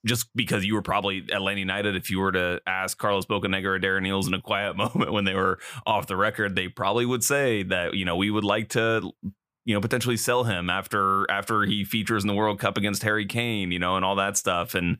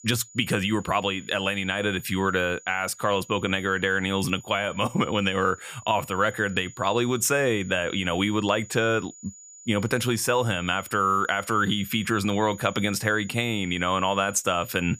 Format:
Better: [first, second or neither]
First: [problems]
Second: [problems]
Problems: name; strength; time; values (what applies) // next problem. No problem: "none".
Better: first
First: none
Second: high-pitched whine; faint; throughout; 7 kHz, 20 dB below the speech